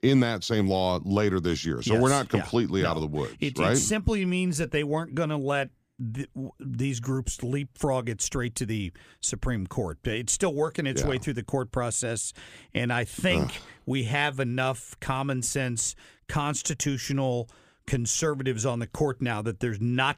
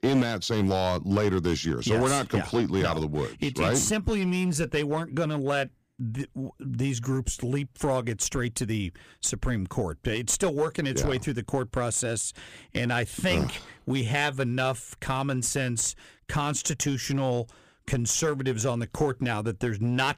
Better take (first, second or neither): first